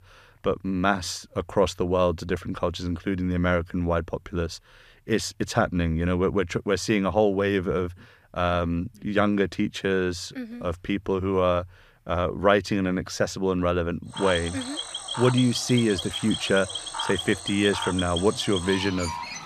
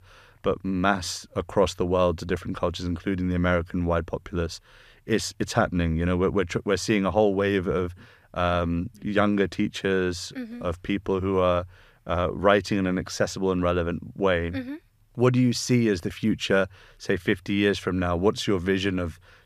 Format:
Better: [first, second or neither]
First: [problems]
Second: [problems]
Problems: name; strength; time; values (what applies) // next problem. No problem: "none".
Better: second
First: animal sounds; loud; from 14 s on; 6 dB below the speech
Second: none